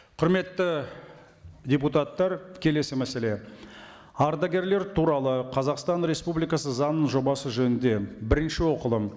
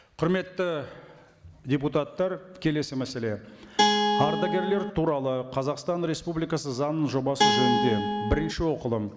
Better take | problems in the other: first | background sound (Guitar); 4 dB above the speech

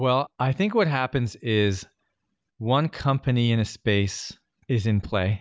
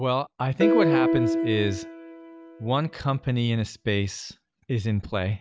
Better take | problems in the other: first | background sound (Piano); as loud as the speech

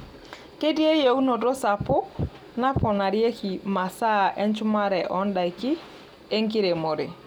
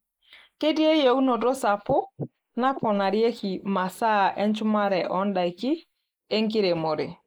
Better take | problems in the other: first | noise reduction (neural mask model Resemble Enhance denoiser)

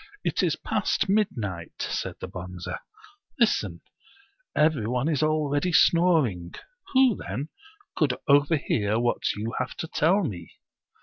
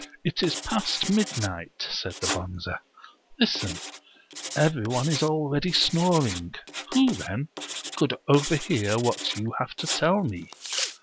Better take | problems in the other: first | background sound (Writing); 10 dB below the speech

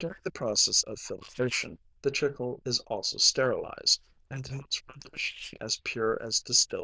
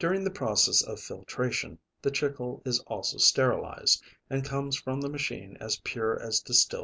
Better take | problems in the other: second | noise reduction (neural diffusion model UNIVERSE++)

